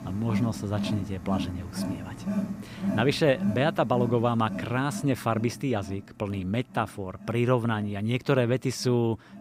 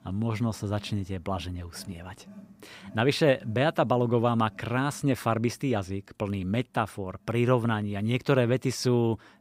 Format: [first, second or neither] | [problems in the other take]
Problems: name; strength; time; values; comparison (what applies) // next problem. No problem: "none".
second | animal sounds; loud; throughout; 7 dB below the speech; faint in the second